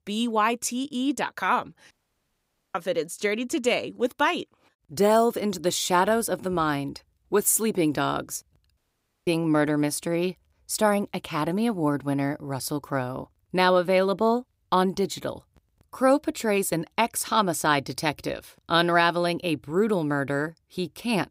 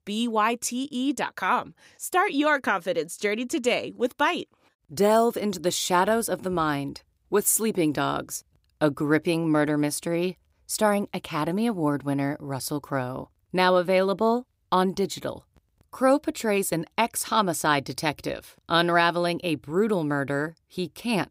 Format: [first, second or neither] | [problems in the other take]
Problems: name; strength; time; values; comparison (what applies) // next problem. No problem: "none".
second | audio cutting out; at 2 s for 1 s and at 9 s for 0.5 s